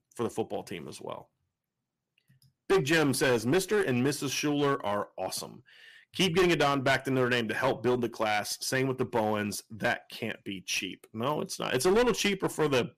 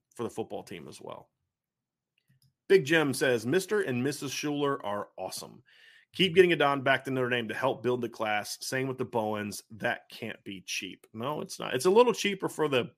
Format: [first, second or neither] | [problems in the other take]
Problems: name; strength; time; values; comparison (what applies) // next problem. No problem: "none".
second | distortion; heavy; 8% of the sound clipped